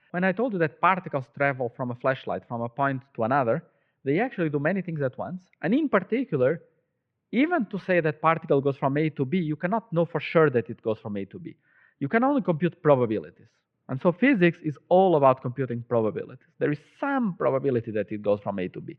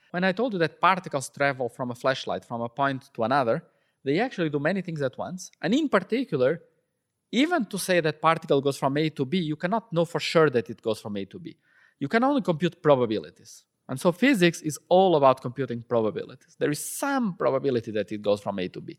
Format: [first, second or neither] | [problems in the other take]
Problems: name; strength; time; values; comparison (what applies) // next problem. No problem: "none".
second | muffled; very; fading above 2.5 kHz